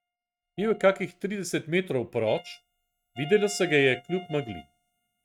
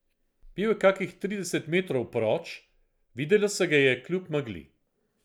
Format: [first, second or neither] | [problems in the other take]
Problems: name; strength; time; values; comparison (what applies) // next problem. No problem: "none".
second | noise reduction (neural mask model RNNoise)